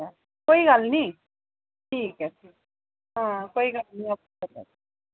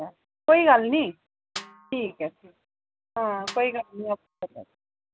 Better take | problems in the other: first | background sound (Snare drum); 18 dB below the speech

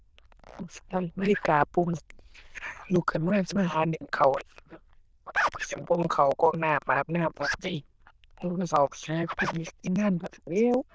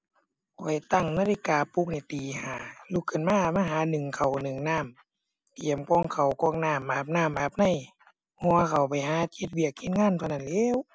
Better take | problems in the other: second | noise reduction (neural diffusion model UNIVERSE++)

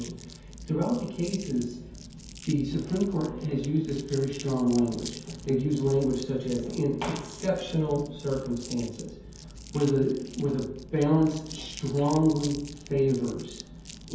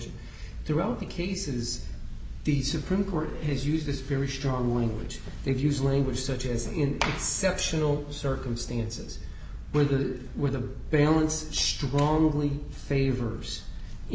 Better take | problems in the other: second | background sound (Crumpling, crinkling); 19 dB below the speech // room echo; dies away in 0.5 s

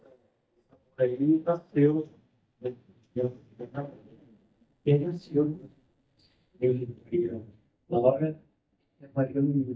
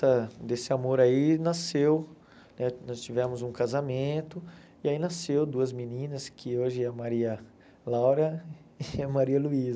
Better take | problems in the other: second | noise reduction (neural mask model DeepFilterNet 3)

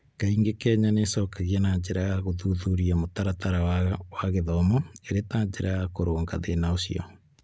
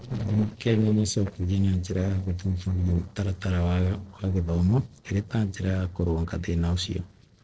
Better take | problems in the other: first | noise reduction (neural separator model SepFormer DNS4)

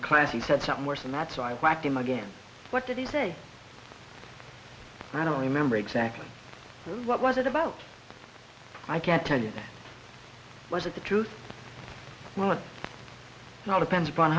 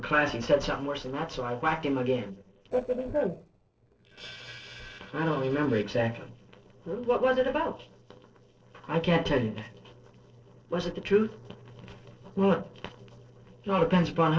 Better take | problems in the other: first | noise reduction (neural separator model SepFormer DNS4)

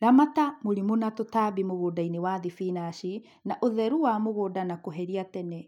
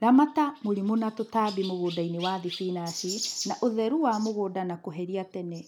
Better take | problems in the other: first | background sound (Chirp, tweet); 14 dB below the speech

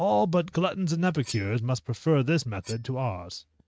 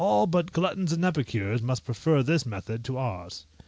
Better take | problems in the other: second | noise reduction (neural mask model RNNoise)

